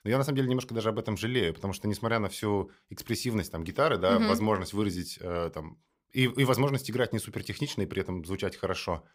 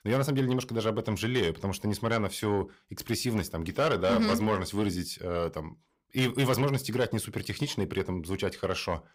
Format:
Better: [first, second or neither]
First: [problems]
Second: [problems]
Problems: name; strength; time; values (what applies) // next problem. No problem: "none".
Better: first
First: none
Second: distortion; slight; 10 dB below the speech